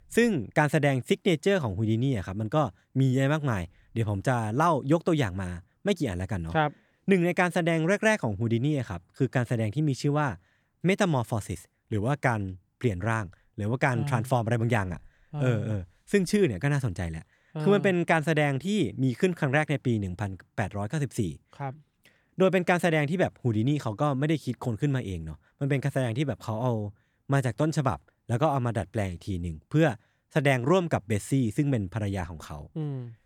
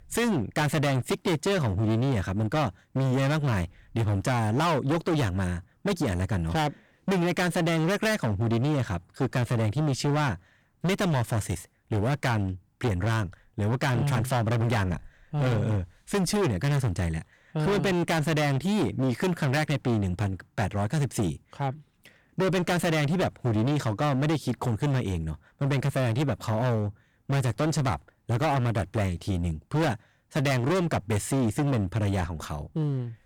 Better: first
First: none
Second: distortion; heavy; 24% of the sound clipped

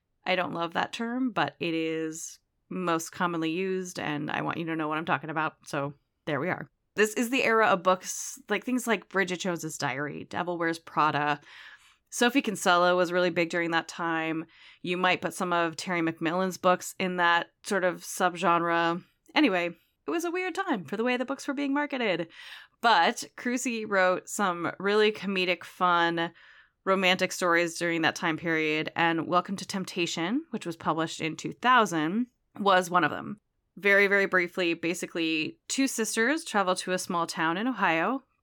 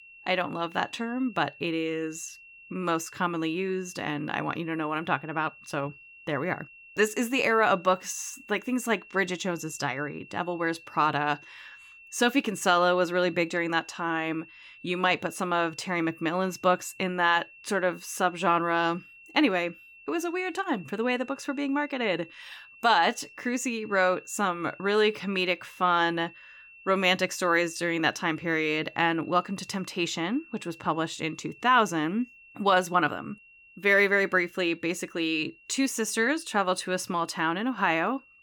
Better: first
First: none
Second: high-pitched whine; faint; throughout; 2.5 kHz, 20 dB below the speech

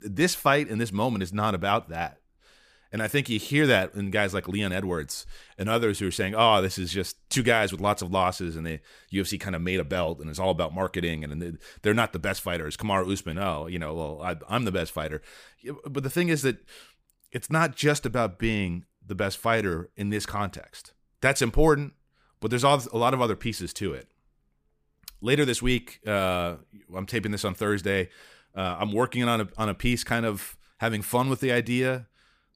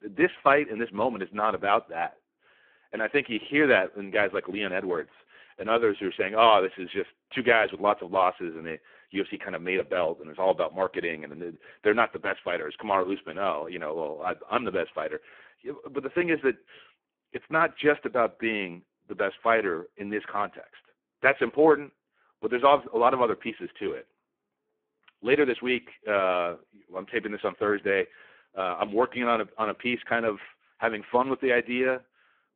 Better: first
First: none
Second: phone-call audio; poor line

